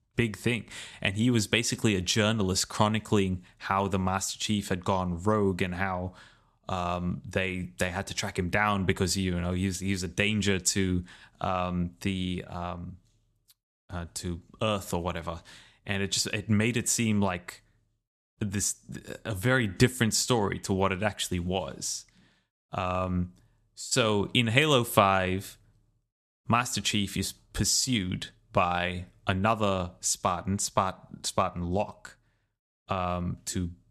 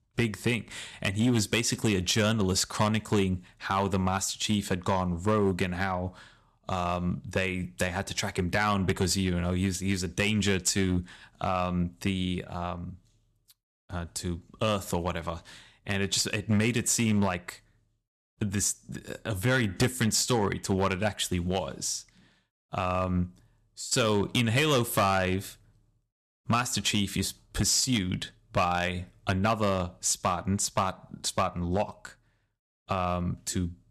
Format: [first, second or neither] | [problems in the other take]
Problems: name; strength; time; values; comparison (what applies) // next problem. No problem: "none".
first | distortion; slight; 3% of the sound clipped